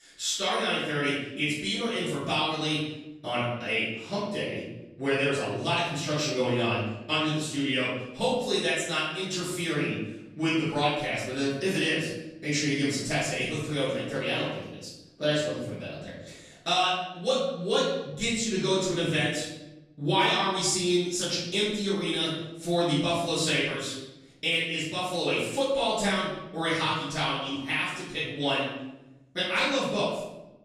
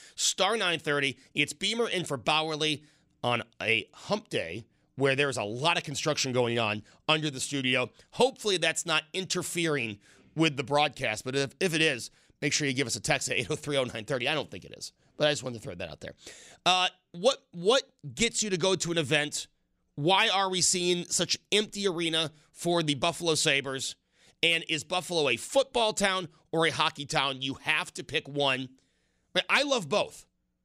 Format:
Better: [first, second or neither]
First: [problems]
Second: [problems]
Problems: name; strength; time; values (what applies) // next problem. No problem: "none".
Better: second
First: off-mic speech; far // room echo; noticeable; dies away in 0.9 s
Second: none